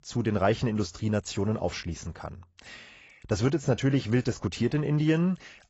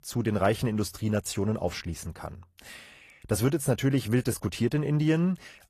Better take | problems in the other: second | garbled, watery; badly; nothing above 7.5 kHz; slightly in the second

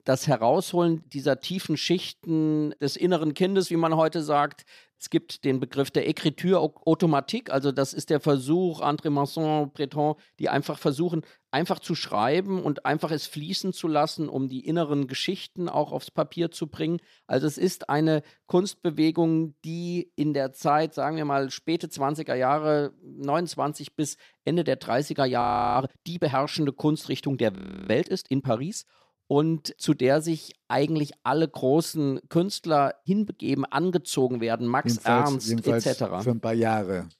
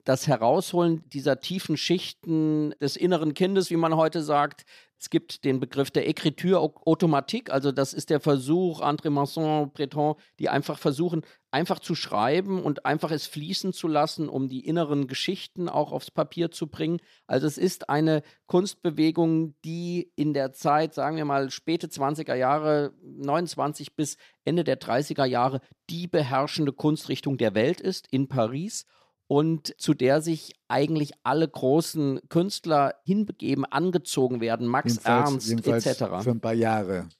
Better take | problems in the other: second | audio freezing; at 25 s and at 28 s

